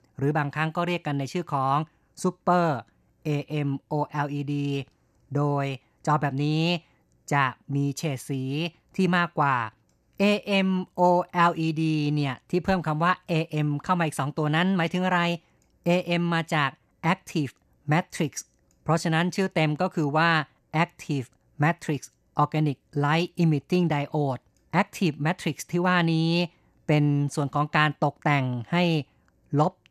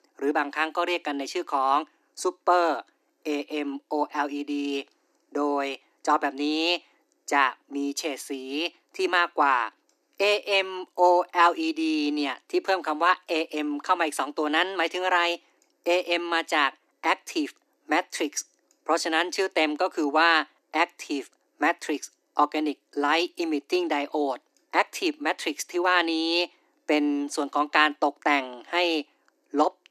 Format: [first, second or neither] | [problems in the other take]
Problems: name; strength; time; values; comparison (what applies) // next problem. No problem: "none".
first | thin; somewhat; fading below 300 Hz